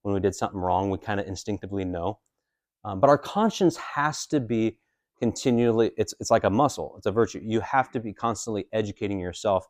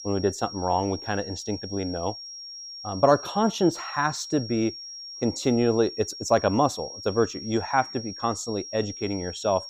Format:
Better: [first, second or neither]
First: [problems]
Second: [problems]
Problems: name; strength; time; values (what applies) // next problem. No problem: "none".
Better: first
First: none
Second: high-pitched whine; noticeable; throughout; 5.5 kHz, 10 dB below the speech